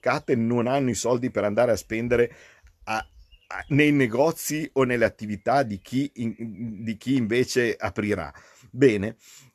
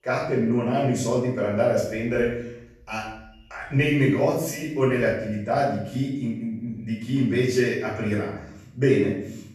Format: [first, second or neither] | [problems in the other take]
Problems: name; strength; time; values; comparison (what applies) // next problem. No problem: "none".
first | room echo; noticeable; dies away in 0.7 s // off-mic speech; far